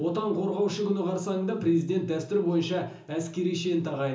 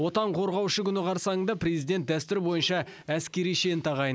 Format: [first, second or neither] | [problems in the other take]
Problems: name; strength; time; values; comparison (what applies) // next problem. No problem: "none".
second | room echo; dies away in 0.8 s